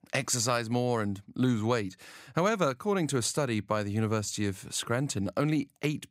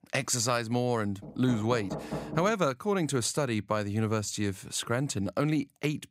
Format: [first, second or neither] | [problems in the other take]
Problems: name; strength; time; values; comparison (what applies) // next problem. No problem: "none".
first | door banging; noticeable; from 1 to 2.5 s; peak 7 dB below the speech